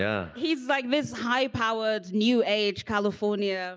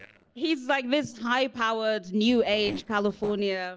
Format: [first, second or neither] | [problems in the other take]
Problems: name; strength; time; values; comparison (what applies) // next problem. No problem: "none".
first | noise reduction (neural separator model SepFormer DNS4)